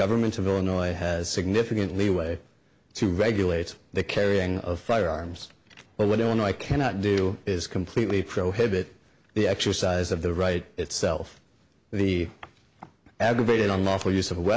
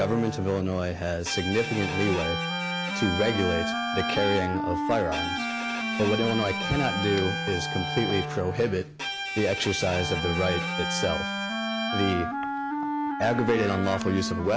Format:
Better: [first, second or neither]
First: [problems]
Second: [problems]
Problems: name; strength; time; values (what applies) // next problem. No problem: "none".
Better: first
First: none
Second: background sound (Wind instrument, woodwind instrument + Bowed string instrument); 2 dB below the speech